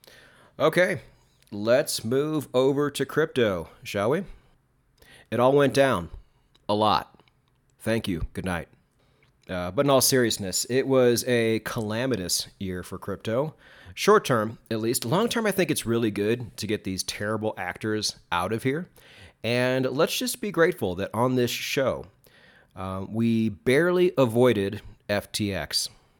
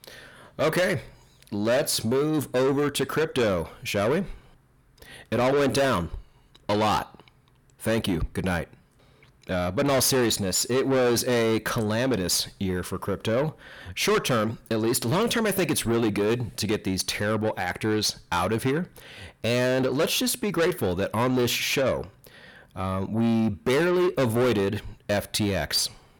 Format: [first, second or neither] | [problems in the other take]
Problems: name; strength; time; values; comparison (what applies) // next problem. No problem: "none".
first | distortion; heavy; 7 dB below the speech